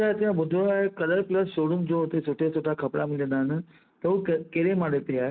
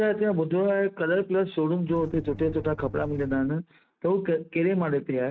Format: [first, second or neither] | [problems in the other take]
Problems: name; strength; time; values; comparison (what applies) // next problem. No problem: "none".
first | noise reduction (neural mask model RNNoise)